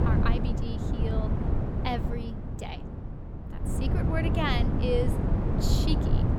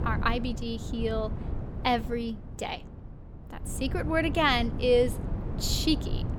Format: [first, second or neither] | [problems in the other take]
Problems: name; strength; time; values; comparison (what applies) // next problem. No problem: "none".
second | wind noise on the microphone; heavy; 3 dB below the speech; occasional gusts in the second